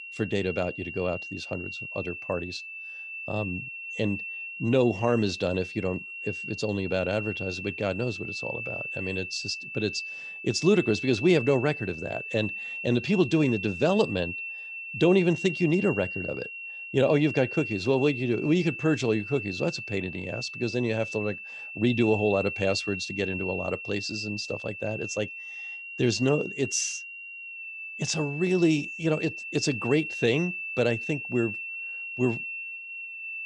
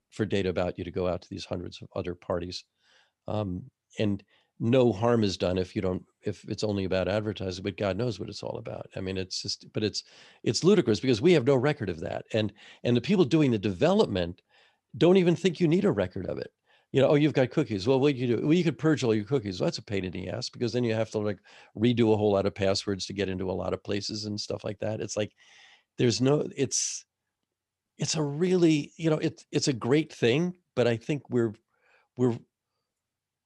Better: second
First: high-pitched whine; loud; throughout; 2.5 kHz, 7 dB below the speech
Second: none

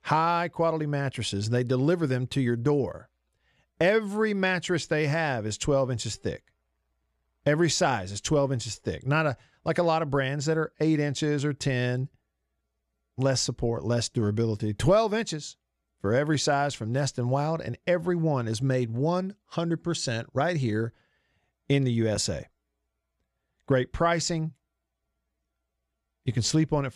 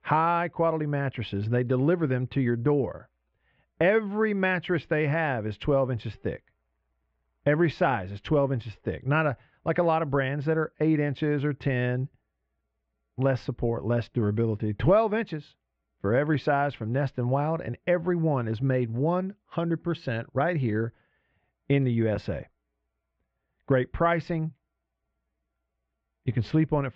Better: first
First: none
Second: muffled; very; fading above 3 kHz

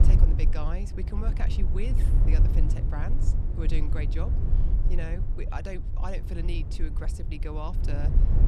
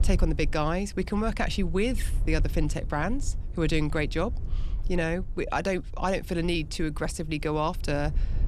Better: second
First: low rumble; loud; throughout; 4 dB below the speech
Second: low rumble; faint; throughout; 25 dB below the speech

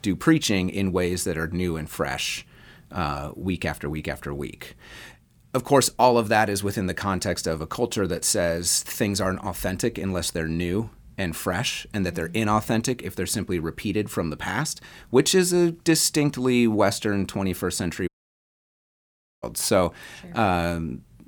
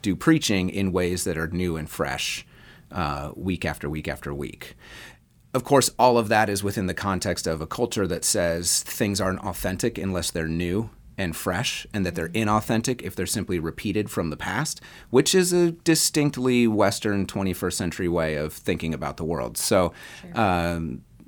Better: second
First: audio cutting out; at 18 s for 1.5 s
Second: none

